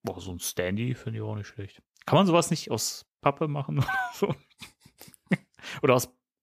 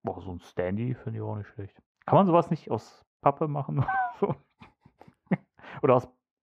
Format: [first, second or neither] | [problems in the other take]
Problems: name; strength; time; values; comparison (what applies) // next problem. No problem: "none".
first | muffled; very; fading above 3.5 kHz